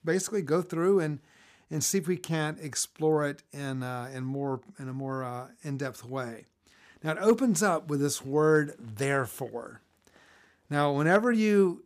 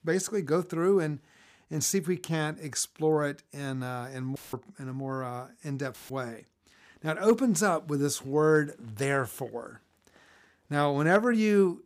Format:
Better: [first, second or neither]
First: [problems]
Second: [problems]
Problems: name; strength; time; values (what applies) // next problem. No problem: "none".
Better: first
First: none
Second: audio cutting out; filled with static; at 4.5 s and at 6 s